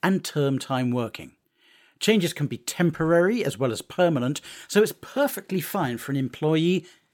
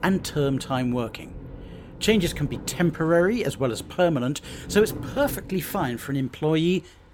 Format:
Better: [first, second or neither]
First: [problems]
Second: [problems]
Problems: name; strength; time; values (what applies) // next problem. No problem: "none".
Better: first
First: none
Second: rain or running water; noticeable; throughout; 15 dB below the speech